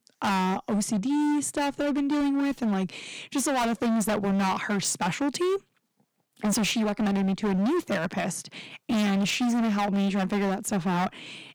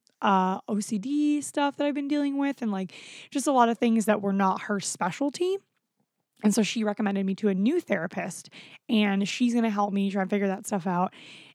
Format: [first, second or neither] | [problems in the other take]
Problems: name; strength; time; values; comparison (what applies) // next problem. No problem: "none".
second | distortion; heavy; 27% of the sound clipped